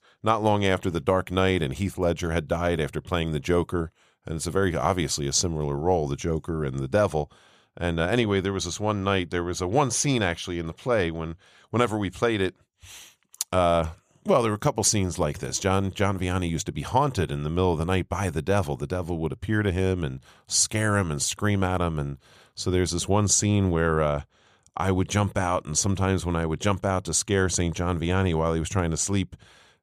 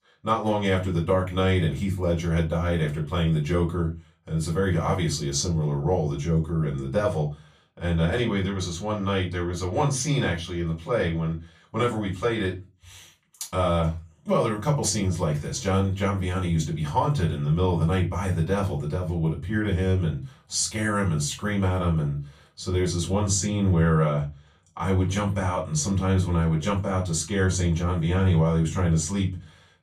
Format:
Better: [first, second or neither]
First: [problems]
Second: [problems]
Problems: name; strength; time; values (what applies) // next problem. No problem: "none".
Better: first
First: none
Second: off-mic speech; far // room echo; very slight; dies away in 0.3 s